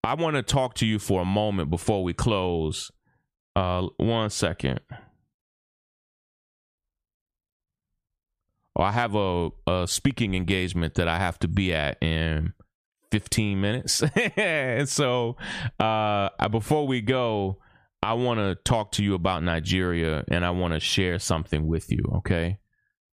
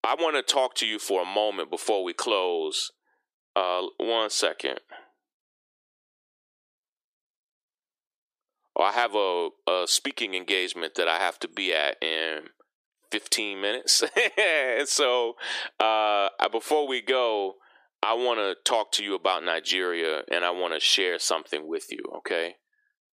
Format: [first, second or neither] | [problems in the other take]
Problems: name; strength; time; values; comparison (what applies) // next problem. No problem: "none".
first | thin; very; fading below 350 Hz